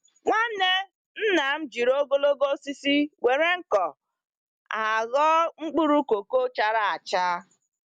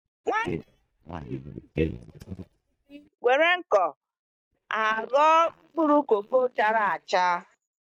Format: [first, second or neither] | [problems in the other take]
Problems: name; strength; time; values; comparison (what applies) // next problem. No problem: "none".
first | noise reduction (neural mask model DeepFilterNet 3)